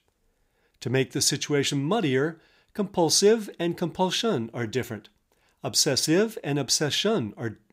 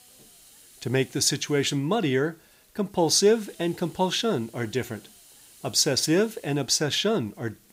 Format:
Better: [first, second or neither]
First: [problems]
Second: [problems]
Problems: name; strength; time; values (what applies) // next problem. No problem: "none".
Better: first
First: none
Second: hiss; faint; throughout; 25 dB below the speech